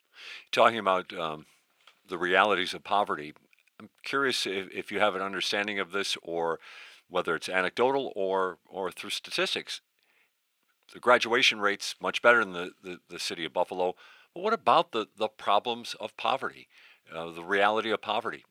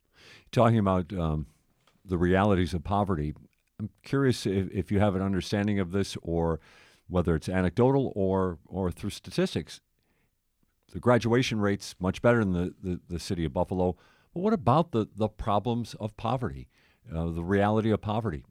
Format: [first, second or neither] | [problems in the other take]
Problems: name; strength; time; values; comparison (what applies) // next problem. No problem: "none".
second | thin; very; fading below 500 Hz